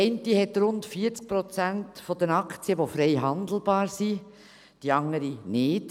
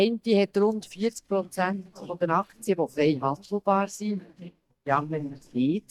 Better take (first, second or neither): first